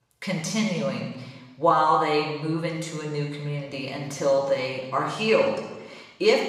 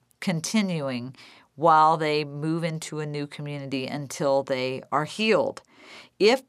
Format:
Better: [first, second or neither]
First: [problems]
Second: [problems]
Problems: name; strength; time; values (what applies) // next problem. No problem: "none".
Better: second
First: room echo; noticeable; dies away in 1.1 s // off-mic speech; somewhat distant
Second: none